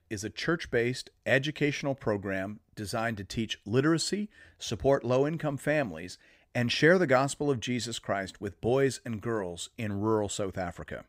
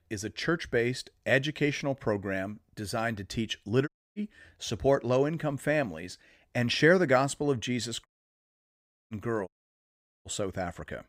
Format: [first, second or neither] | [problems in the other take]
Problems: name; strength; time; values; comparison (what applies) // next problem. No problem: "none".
first | audio cutting out; at 4 s, at 8 s for 1 s and at 9.5 s for 1 s